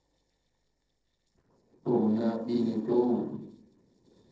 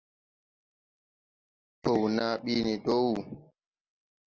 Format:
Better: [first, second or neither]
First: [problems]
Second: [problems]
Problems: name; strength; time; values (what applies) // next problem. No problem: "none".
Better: second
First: noise reduction (neural separator model SepFormer DNS4)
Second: none